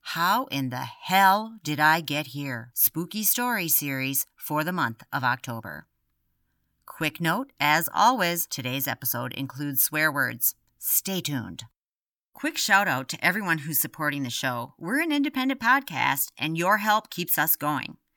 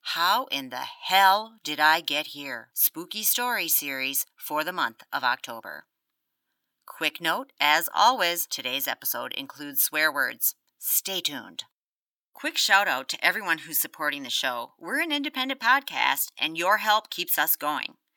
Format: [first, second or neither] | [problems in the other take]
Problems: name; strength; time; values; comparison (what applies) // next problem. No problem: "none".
first | thin; somewhat; fading below 450 Hz